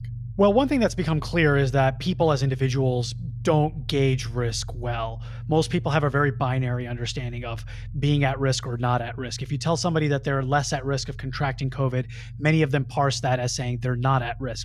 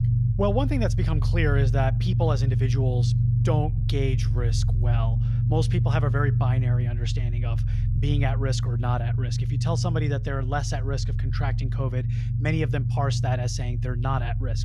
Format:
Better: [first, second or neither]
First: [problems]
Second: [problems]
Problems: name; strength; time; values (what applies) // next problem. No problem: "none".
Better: first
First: low rumble; faint; throughout; 25 dB below the speech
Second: low rumble; loud; throughout; 7 dB below the speech